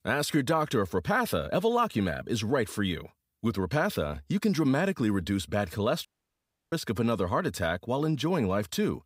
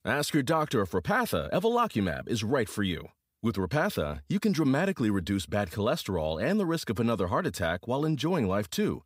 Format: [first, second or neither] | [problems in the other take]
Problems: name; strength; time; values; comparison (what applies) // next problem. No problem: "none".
second | audio cutting out; at 6 s for 0.5 s